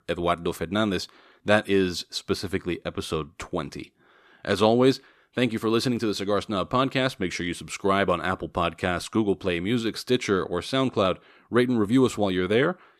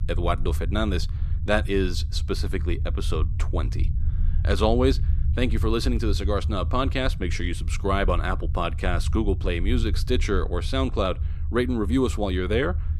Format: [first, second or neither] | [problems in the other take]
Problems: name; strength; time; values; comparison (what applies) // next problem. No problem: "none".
first | low rumble; noticeable; throughout; 20 dB below the speech